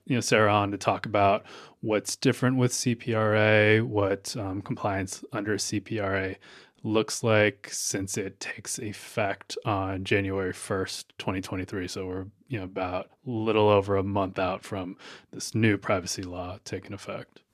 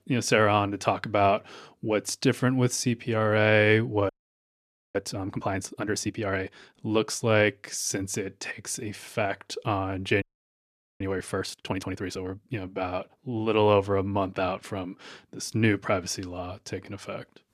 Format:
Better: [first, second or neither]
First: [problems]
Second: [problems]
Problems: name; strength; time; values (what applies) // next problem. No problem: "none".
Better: first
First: none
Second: audio freezing; at 4 s for 1 s and at 10 s for 1 s